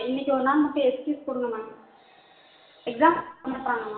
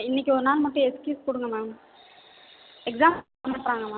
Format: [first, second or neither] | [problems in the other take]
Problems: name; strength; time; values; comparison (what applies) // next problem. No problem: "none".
second | room echo; dies away in 0.6 s